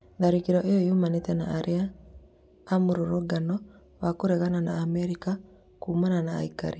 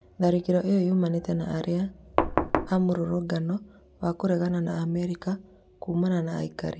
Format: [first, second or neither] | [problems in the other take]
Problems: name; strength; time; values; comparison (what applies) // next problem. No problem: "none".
first | background sound (Knock); as loud as the speech